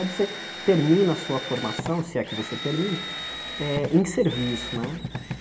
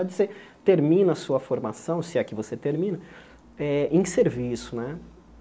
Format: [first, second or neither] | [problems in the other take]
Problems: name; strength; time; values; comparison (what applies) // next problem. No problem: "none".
second | background sound (Drill); 9 dB below the speech // room echo; dies away in 0.8 s